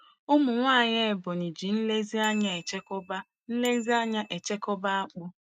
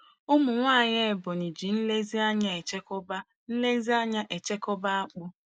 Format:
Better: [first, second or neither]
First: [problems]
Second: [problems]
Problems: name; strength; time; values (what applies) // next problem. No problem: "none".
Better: second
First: noise reduction (neural mask model RNNoise)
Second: none